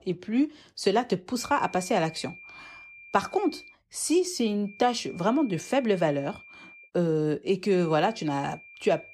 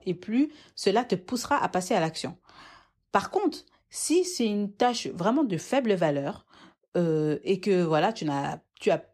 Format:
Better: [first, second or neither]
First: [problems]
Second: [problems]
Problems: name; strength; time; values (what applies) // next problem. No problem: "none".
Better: second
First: high-pitched whine; noticeable; from 1.5 to 3.5 s, from 4.5 to 7 s and from 7.5 s on; 2.5 kHz, 20 dB below the speech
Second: none